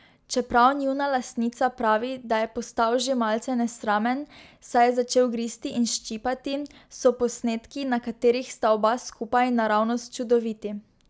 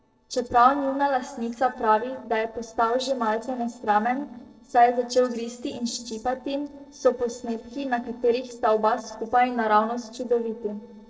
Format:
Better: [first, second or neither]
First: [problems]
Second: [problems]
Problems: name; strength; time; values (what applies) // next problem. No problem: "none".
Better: first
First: none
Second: noise reduction (neural separator model SepFormer DNS4)